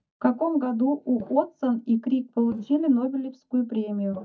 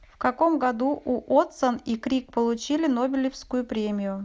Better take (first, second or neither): second